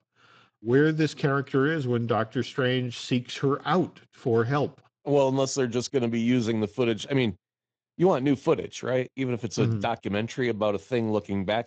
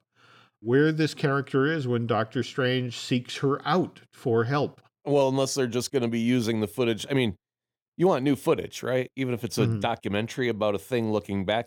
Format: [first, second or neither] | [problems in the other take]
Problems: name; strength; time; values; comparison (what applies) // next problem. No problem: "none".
second | garbled, watery; slightly; nothing above 7.5 kHz